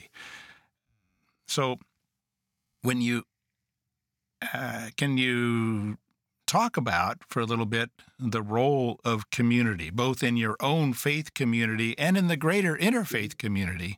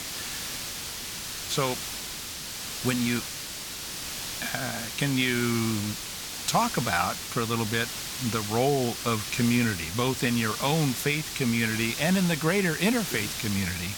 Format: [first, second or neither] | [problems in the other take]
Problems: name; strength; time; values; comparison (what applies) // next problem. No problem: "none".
first | hiss; loud; throughout; 5 dB below the speech